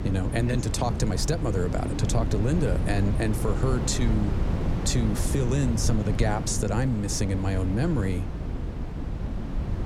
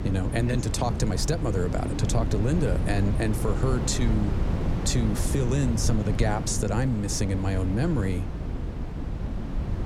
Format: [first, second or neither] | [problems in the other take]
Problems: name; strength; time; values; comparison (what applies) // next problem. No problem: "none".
neither | wind noise on the microphone; heavy; 7 dB below the speech; the same in both